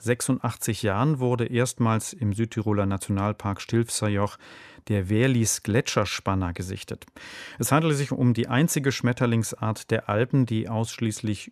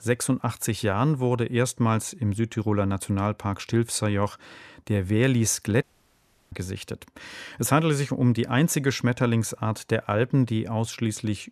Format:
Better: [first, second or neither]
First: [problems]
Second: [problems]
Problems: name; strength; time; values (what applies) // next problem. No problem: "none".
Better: first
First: none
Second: audio cutting out; at 6 s for 0.5 s